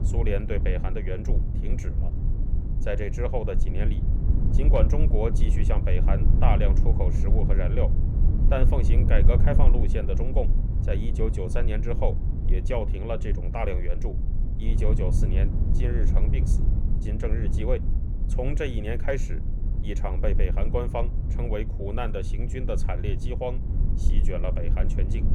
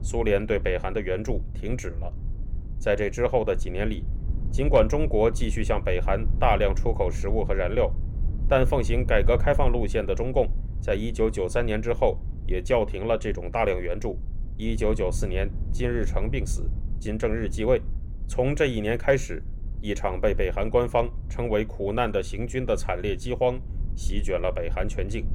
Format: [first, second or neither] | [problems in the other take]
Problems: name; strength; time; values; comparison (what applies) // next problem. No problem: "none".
second | low rumble; loud; throughout; 8 dB below the speech; faint in the second